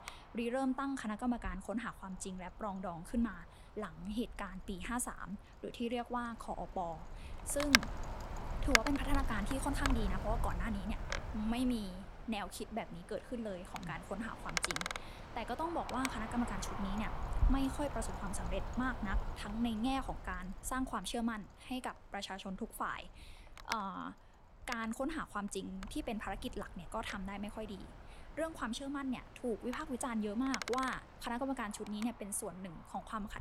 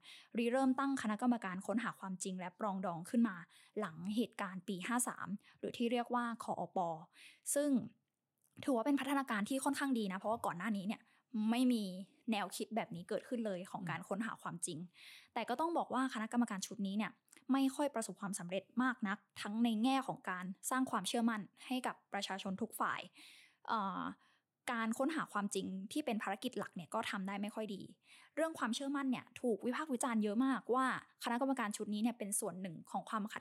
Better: second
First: wind noise on the microphone; heavy; 1 dB above the speech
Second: none

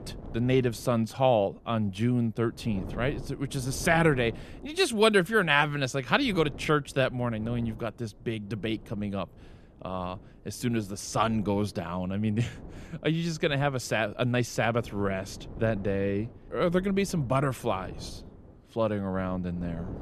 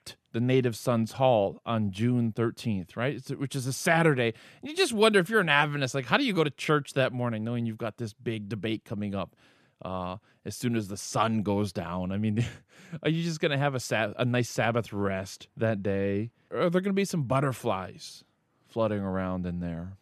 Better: second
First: wind noise on the microphone; occasional gusts; 25 dB below the speech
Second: none

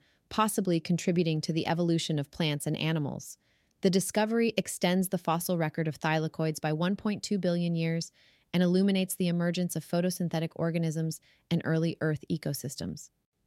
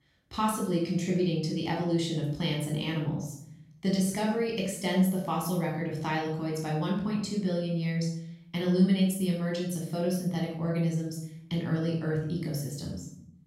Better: first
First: none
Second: off-mic speech; far // room echo; noticeable; dies away in 0.6 s

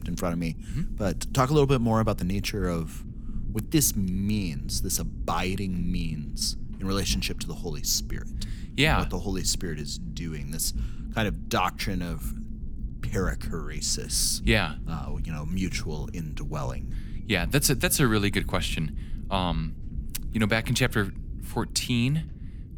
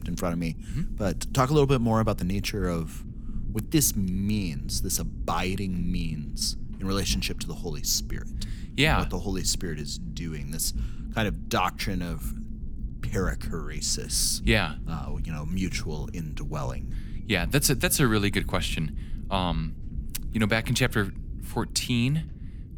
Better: neither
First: low rumble; faint; throughout; 20 dB below the speech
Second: low rumble; faint; throughout; 20 dB below the speech

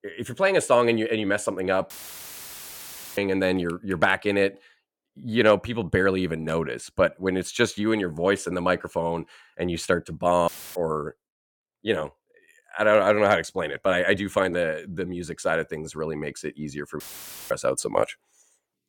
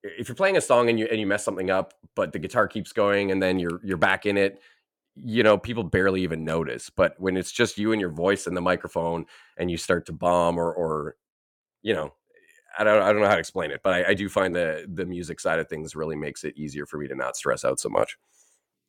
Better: second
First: audio cutting out; filled with static; at 2 s for 1.5 s, at 10 s and at 17 s for 0.5 s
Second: none

